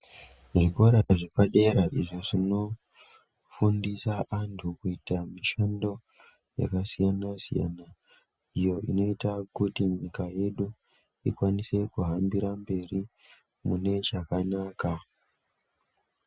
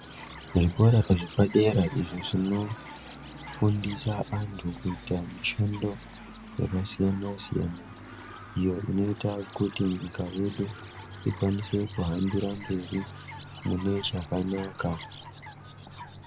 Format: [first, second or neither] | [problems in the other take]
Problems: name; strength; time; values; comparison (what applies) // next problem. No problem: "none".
first | background sound (Aircraft + Chirp, tweet); 14 dB below the speech